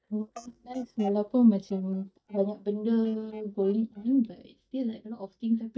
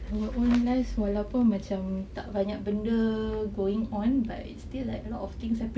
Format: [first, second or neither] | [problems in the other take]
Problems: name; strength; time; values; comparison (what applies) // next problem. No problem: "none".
second | noise reduction (neural mask model DeepFilterNet 3)